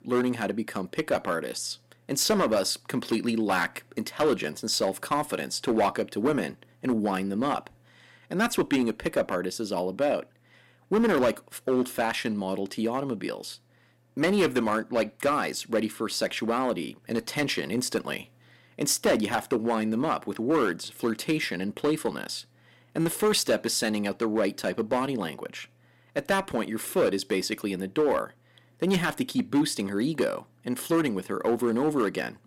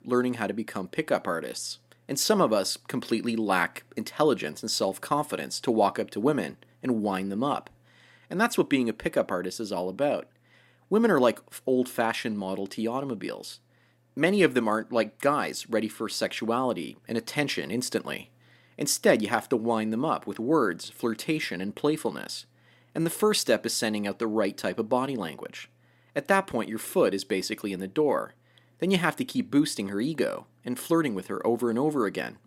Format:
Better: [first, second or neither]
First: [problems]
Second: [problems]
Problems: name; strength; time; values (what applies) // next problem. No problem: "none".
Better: second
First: distortion; slight; 4% of the sound clipped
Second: none